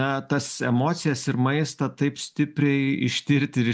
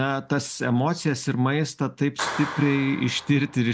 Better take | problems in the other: first | background sound (Clapping); 14 dB below the speech

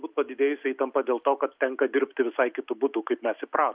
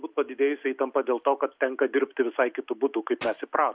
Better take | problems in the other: first | background sound (Clapping); 15 dB below the speech

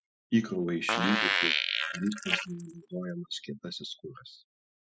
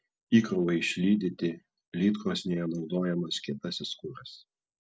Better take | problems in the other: second | noise reduction (classical method spectral subtraction)

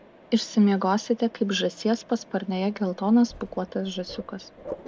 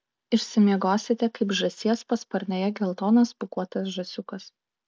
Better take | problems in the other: second | background sound (Mechanisms); 20 dB below the speech

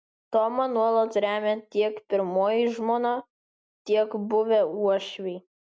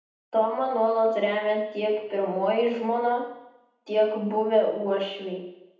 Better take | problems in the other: first | room echo; dies away in 0.8 s

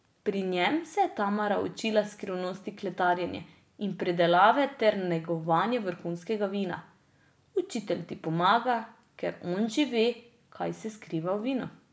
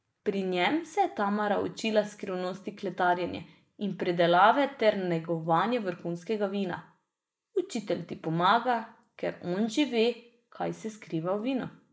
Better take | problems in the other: first | noise reduction (neural mask model Resemble Enhance denoiser)

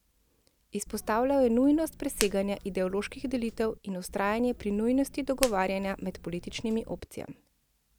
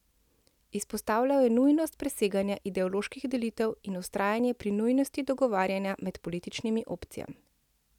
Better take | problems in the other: second | background sound (Hands); 13 dB below the speech

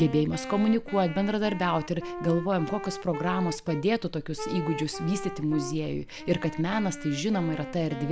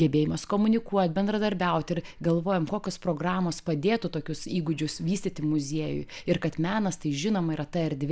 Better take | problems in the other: second | background sound (Wind instrument, woodwind instrument); 11 dB below the speech

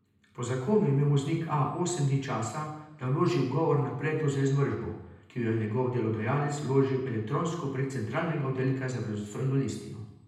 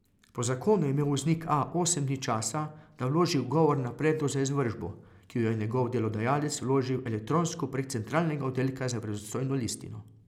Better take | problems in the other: second | room echo; dies away in 0.8 s

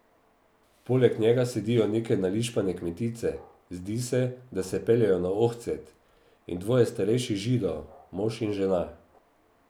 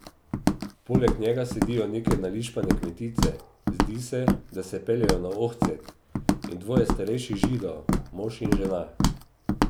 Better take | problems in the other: first | background sound (Walk, footsteps); 2 dB above the speech

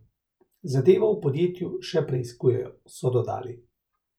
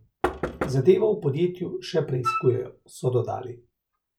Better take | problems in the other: first | background sound (Knock + Wind instrument, woodwind instrument); 6 dB below the speech

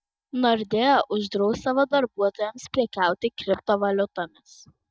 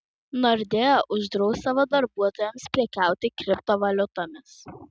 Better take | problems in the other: second | noise reduction (neural mask model DeepFilterNet 3)

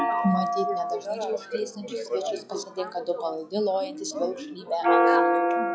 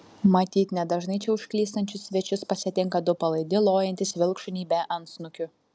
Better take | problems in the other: second | noise reduction (classical method log-MMSE)

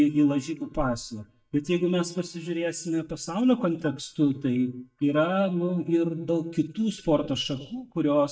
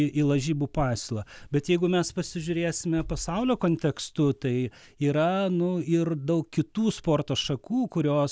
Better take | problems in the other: second | noise reduction (neural mask model DeepFilterNet 3)

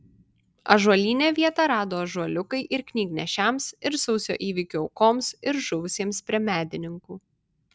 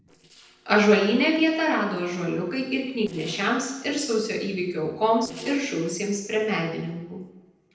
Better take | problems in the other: first | noise reduction (neural separator model SepFormer DNS4)

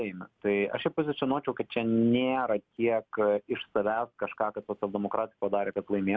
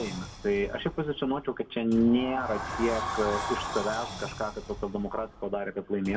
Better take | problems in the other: first | background sound (Sliding door); 8 dB below the speech // room echo; dies away in 1.3 s

